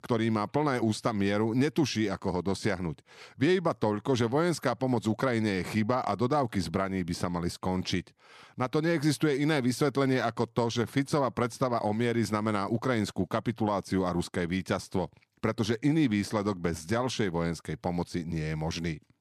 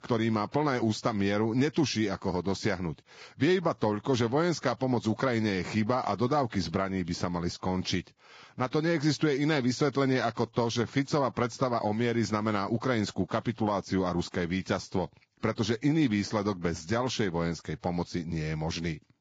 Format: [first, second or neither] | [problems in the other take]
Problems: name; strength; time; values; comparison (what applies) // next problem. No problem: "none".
first | garbled, watery; badly; nothing above 7.5 kHz